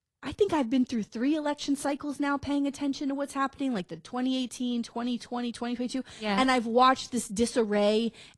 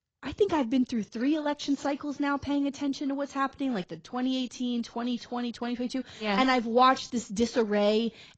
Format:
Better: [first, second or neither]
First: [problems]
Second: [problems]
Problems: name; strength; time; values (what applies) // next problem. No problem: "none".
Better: first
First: garbled, watery; slightly; nothing above 11 kHz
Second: garbled, watery; badly; nothing above 7.5 kHz